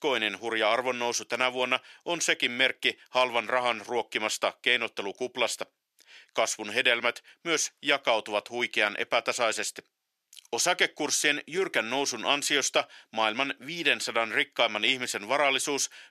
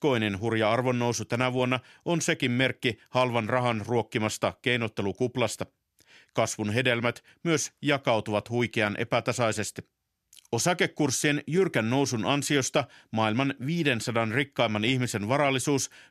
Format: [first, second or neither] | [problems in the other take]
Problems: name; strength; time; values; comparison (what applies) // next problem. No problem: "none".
second | thin; somewhat; fading below 450 Hz